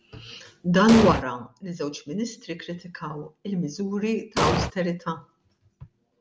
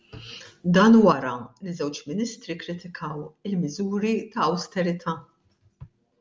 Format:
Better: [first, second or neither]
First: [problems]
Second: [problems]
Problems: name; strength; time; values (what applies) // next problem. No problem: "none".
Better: second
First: background sound (Explosion); 3 dB above the speech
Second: none